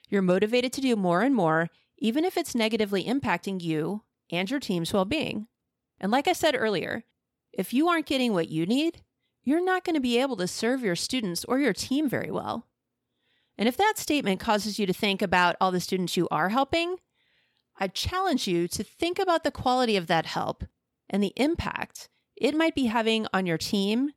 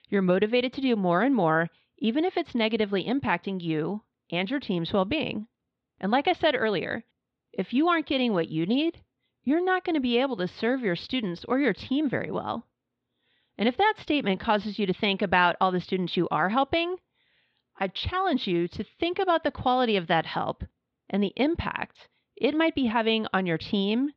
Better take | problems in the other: first | muffled; slightly; fading above 4 kHz

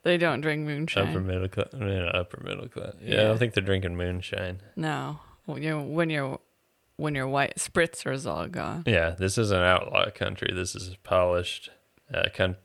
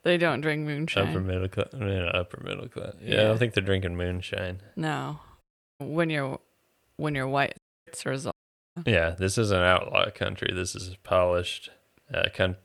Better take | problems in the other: first | audio cutting out; at 5.5 s, at 7.5 s and at 8.5 s

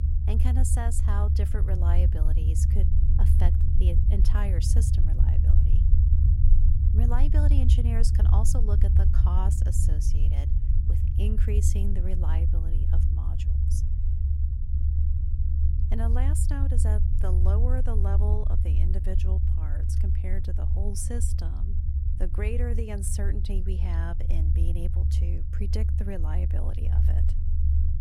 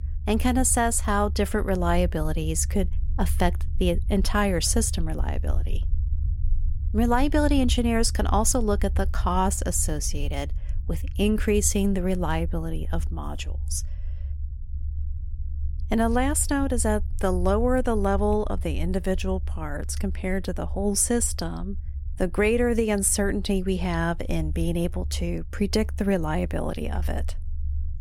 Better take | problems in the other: second | low rumble; loud; throughout; 2 dB below the speech; faint in the second

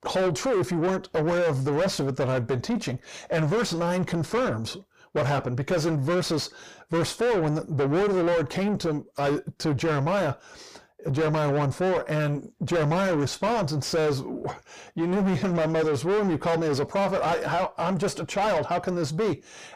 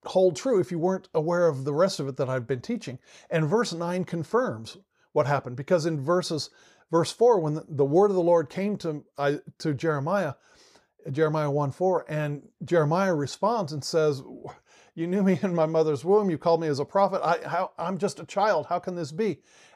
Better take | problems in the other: second | distortion; heavy; 5 dB below the speech

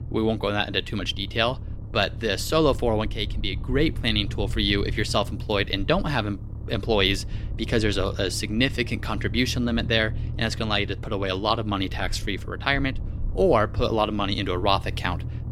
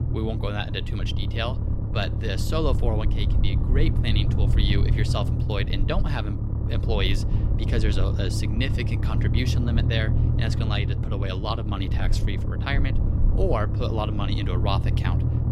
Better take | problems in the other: first | low rumble; loud; throughout; 7 dB below the speech; faint in the first

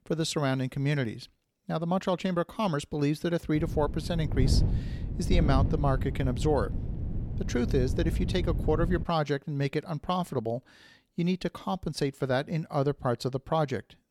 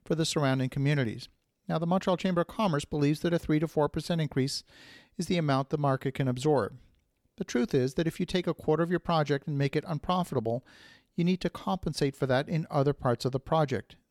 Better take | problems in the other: second | wind noise on the microphone; occasional gusts; from 3.5 to 9 s; 10 dB below the speech

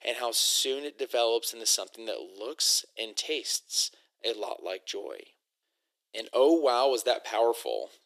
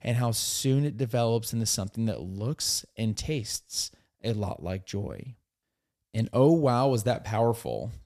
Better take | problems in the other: second | thin; very; fading below 350 Hz

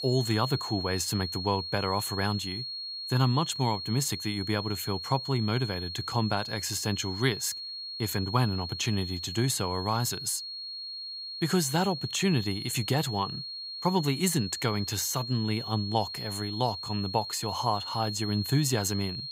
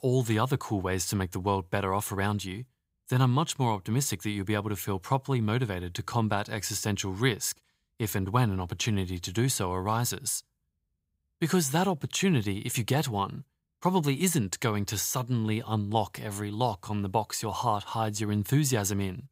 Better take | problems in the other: second | high-pitched whine; loud; throughout; 4.5 kHz, 6 dB below the speech

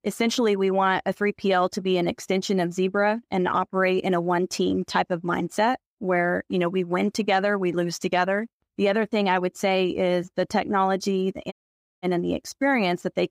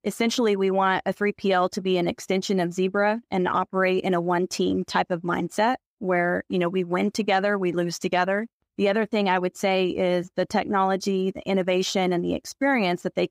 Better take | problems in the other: second | audio cutting out; at 12 s for 0.5 s

